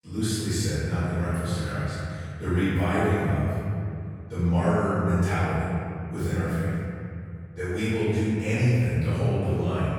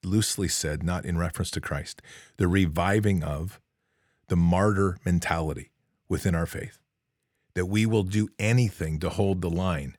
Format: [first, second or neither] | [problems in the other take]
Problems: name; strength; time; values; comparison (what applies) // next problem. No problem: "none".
second | room echo; strong; dies away in 2.5 s // off-mic speech; far